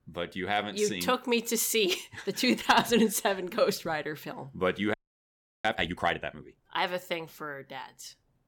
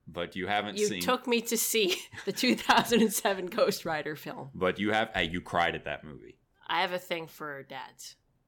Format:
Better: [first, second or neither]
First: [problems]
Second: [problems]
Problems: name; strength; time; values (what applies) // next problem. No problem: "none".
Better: second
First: audio freezing; at 5 s for 0.5 s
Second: none